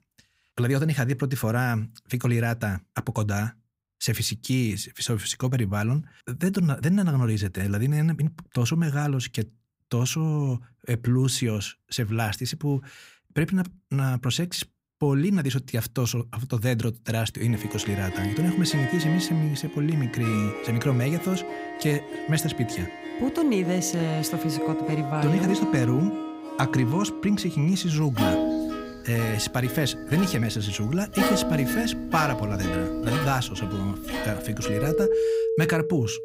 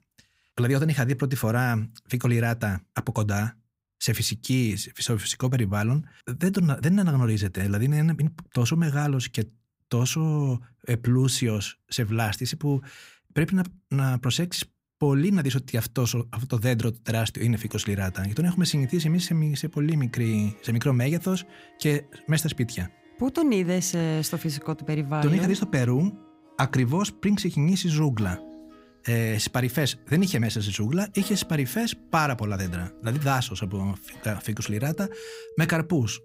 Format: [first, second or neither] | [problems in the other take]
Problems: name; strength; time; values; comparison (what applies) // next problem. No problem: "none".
second | background music; loud; from 18 s on; 4 dB below the speech; faint in the second